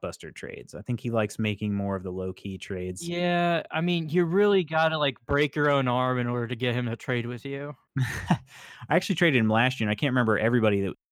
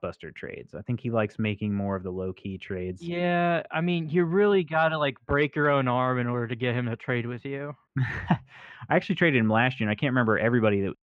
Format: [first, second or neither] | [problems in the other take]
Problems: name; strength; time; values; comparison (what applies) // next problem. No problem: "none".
first | muffled; slightly; fading above 2 kHz